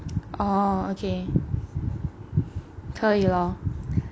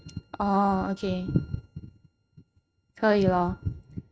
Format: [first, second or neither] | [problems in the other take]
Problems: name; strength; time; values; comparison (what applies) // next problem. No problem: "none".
first | noise reduction (neural mask model RNNoise)